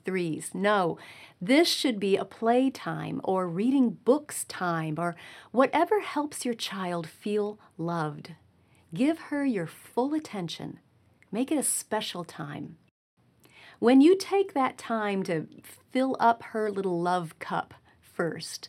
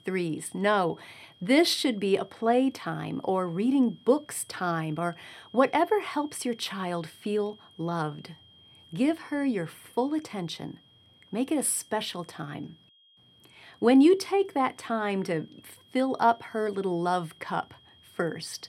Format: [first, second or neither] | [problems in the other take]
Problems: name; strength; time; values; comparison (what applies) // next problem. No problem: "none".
first | high-pitched whine; faint; throughout; 3 kHz, 30 dB below the speech